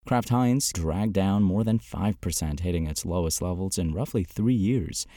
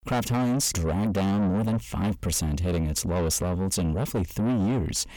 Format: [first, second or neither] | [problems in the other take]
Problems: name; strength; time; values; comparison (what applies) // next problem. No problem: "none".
first | distortion; heavy; 7 dB below the speech